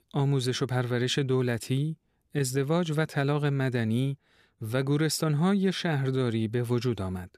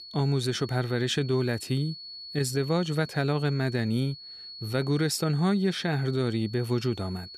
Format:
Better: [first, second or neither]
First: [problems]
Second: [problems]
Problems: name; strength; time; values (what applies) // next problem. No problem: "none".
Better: first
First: none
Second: high-pitched whine; noticeable; throughout; 4.5 kHz, 15 dB below the speech